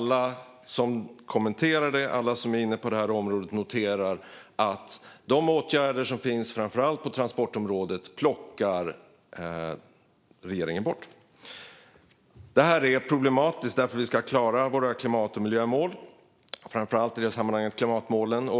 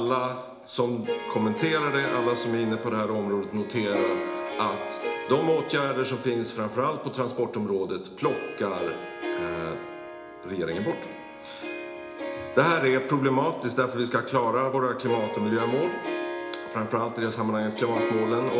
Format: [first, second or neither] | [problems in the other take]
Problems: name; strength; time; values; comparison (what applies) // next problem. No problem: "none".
first | background sound (Harp); 7 dB below the speech // room echo; dies away in 0.8 s